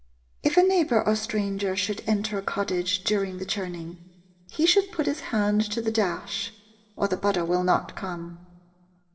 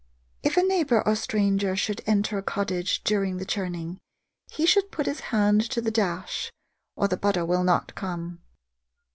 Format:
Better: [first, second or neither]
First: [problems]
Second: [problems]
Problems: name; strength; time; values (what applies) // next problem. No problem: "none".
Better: second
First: room echo; dies away in 1 s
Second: none